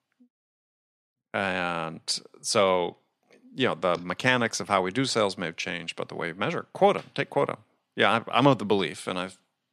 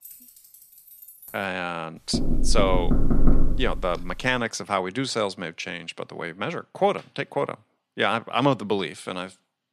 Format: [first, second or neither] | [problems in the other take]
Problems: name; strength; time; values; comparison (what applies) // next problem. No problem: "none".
first | jangling keys; faint; until 1.5 s; peak 15 dB below the speech // door banging; loud; from 2 to 4 s; peak 4 dB above the speech